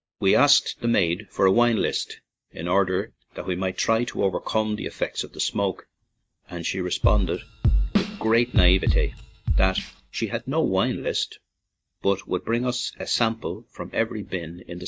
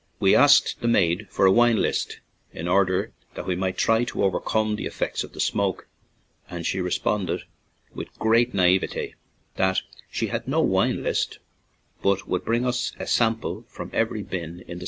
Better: second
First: noise reduction (neural mask model DeepFilterNet 3)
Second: none

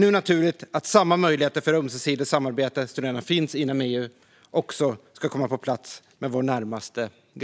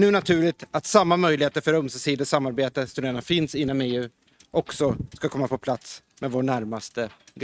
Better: first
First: none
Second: noise reduction (neural mask model RNNoise)

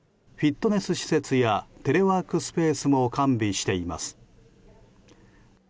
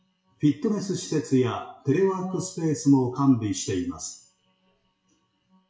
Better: first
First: none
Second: noise reduction (classical method WPE with log-MMSE)

